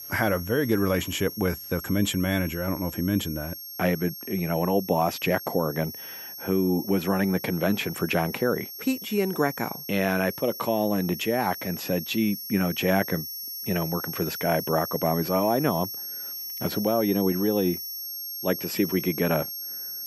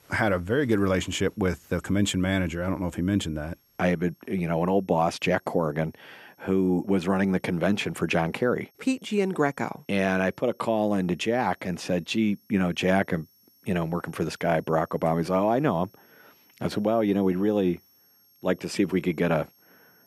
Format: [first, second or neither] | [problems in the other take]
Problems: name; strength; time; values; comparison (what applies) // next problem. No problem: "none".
second | high-pitched whine; loud; throughout; 11.5 kHz, 8 dB below the speech; faint in the second